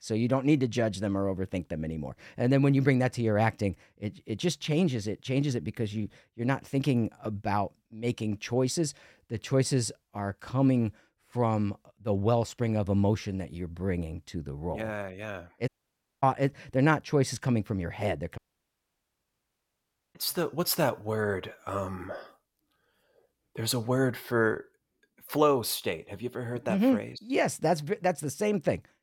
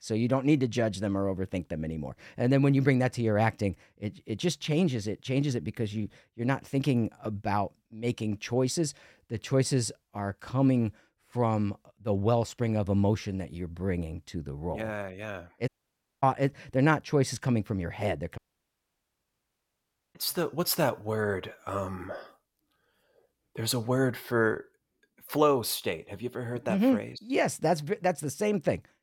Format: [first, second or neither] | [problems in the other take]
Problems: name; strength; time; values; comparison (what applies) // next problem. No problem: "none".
neither | audio cutting out; at 16 s for 0.5 s and at 18 s for 2 s; the same in both